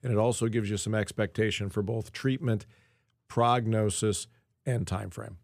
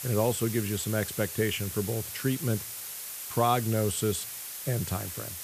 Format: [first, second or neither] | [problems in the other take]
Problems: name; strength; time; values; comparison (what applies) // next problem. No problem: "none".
first | hiss; loud; throughout; 6 dB below the speech